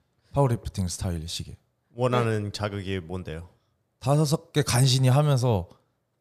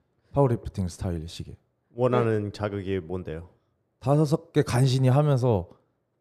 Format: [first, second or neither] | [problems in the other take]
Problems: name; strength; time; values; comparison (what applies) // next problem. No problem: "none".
first | muffled; slightly; fading above 3 kHz